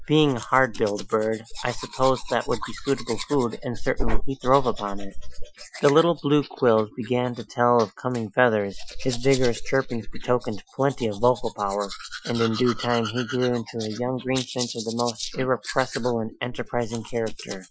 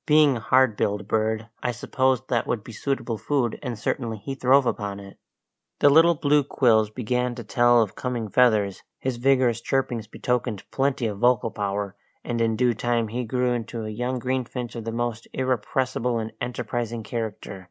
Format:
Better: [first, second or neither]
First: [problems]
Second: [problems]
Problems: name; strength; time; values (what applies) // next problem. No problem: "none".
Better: second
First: noise reduction (classical method Wiener filter)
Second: none